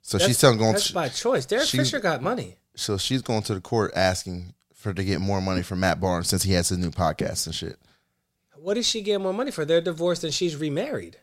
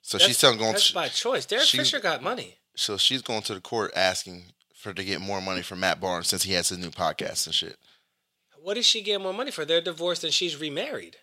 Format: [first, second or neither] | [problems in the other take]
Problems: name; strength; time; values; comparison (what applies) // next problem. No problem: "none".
first | thin; somewhat; fading below 500 Hz